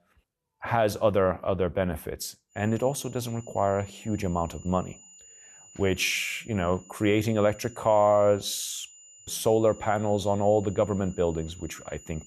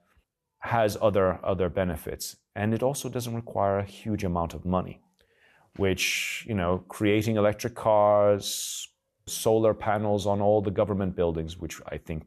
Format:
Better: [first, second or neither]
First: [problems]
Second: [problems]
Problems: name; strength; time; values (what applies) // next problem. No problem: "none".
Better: second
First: high-pitched whine; faint; from 2.5 s on; 7 kHz, 20 dB below the speech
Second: none